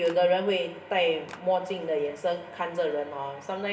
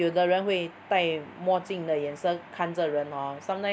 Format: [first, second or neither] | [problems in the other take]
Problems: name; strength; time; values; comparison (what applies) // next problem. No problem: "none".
second | background sound (Clapping); 19 dB below the speech // room echo; dies away in 1.6 s